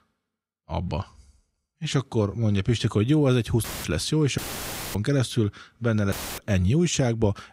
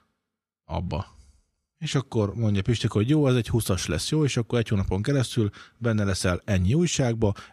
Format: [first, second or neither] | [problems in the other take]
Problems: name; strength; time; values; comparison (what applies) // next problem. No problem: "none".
second | audio cutting out; filled with static; at 3.5 s, at 4.5 s for 0.5 s and at 6 s